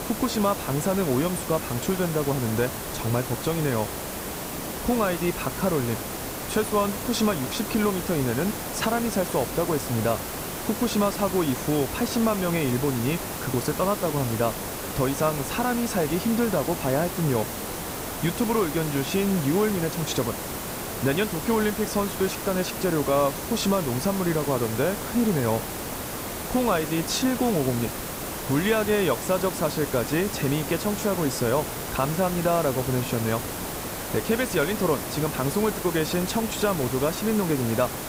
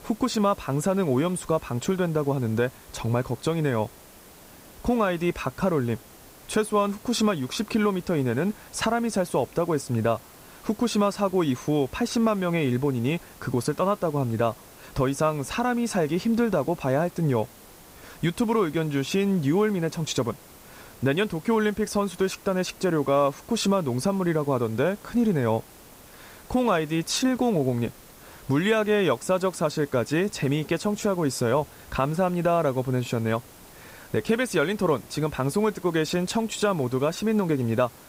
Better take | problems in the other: second | hiss; loud; throughout; 5 dB below the speech; faint in the second

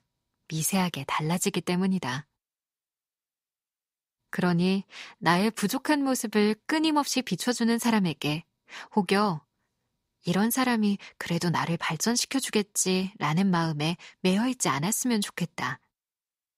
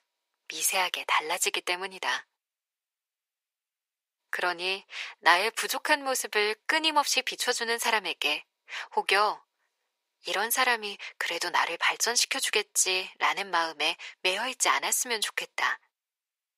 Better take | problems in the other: first | thin; very; fading below 450 Hz

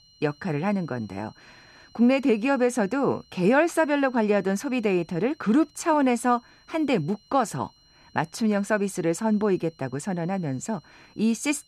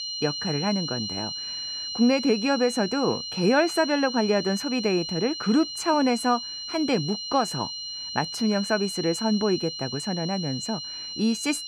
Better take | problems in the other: first | high-pitched whine; loud; throughout; 4 kHz, 6 dB below the speech; faint in the first

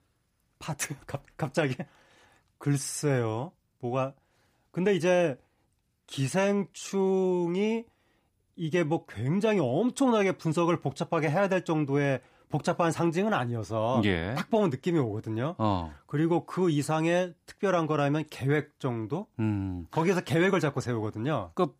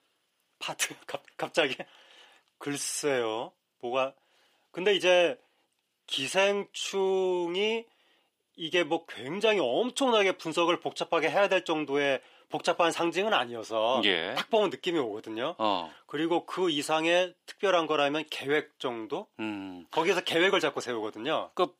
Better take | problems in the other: first | thin; somewhat; fading below 450 Hz

